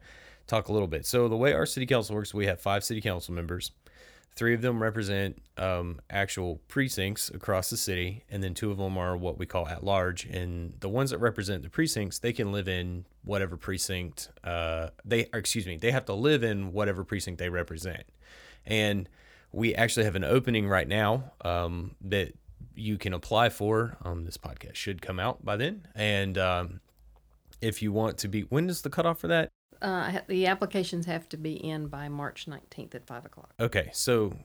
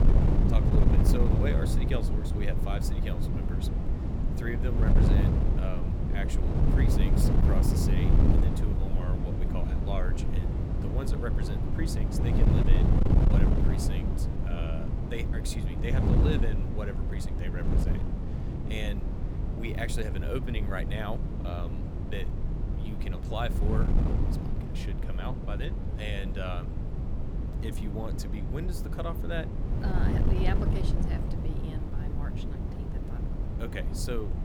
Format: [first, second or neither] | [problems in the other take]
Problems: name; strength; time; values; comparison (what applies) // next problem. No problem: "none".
first | wind noise on the microphone; heavy; 1 dB above the speech